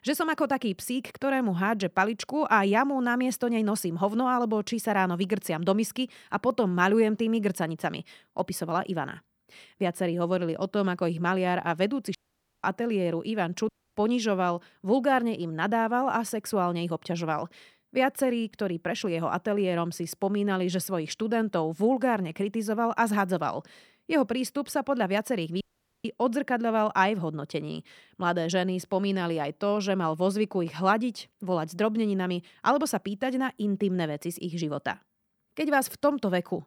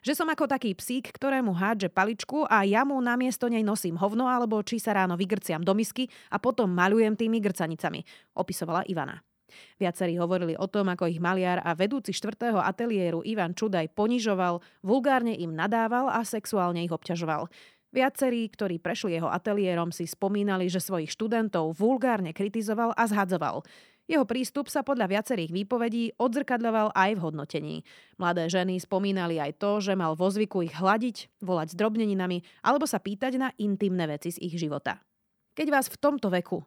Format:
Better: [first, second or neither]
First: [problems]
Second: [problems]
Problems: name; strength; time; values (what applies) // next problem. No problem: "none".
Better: second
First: audio cutting out; at 12 s, at 14 s and at 26 s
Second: none